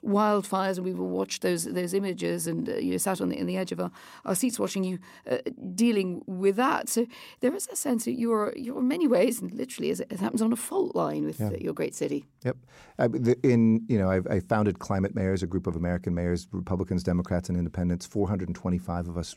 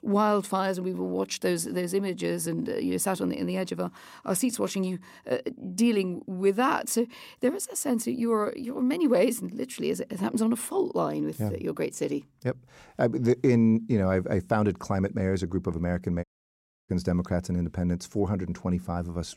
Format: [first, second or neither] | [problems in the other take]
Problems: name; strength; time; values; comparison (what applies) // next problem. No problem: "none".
first | audio cutting out; at 16 s for 0.5 s